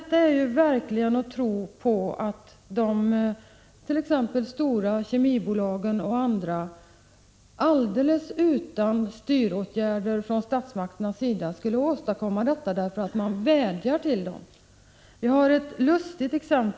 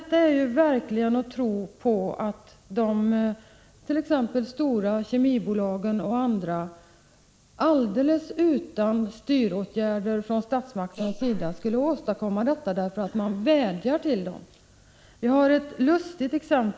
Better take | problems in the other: first | noise reduction (neural mask model Resemble Enhance denoiser)

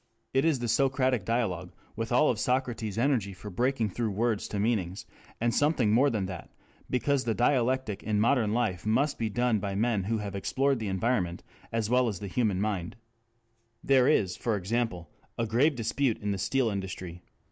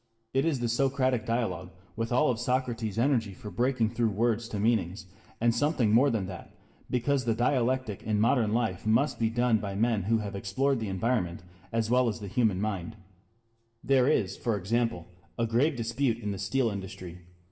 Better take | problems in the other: first | room echo; dies away in 0.7 s

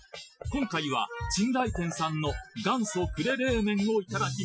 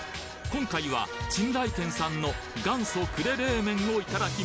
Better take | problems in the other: second | noise reduction (classical method Wiener filter)

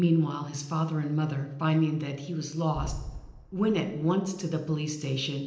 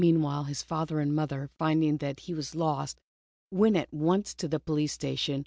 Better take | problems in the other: second | background sound (Boom); 13 dB below the speech // room echo; dies away in 0.8 s

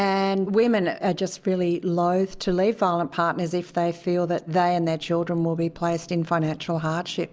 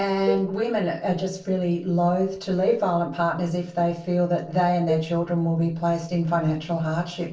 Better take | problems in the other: first | noise reduction (neural separator model SepFormer DNS4)

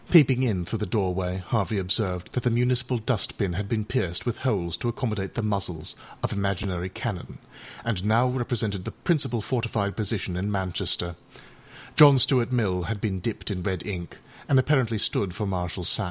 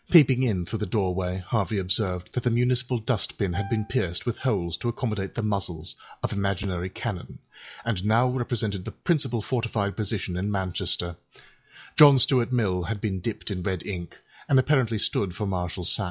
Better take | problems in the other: first | noise reduction (classical method log-MMSE)

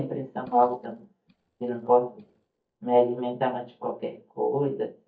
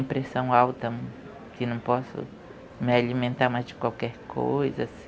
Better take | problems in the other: second | noise reduction (neural mask model DeepFilterNet 3)

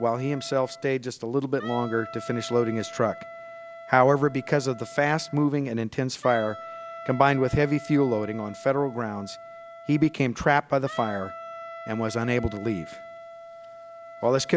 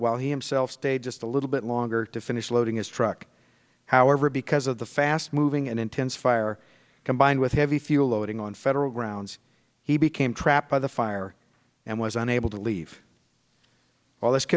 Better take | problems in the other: second | background sound (Wind instrument, woodwind instrument); 16 dB below the speech

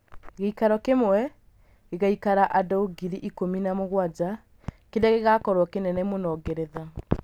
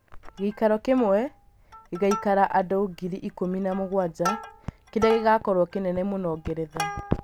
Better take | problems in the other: first | background sound (Plucked string instrument); 13 dB below the speech

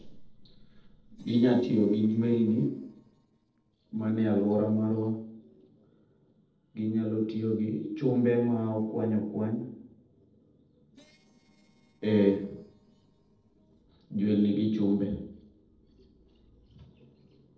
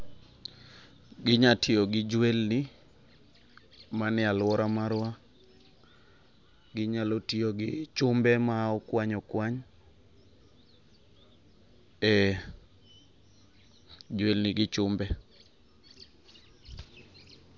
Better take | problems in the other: second | noise reduction (neural separator model SepFormer DNS4)

